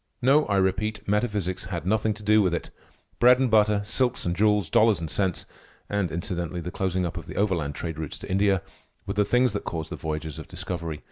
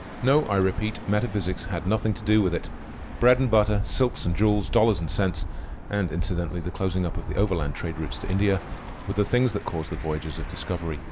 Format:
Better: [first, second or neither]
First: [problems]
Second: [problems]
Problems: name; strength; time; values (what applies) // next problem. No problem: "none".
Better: first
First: none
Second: background sound (Bird); 7 dB below the speech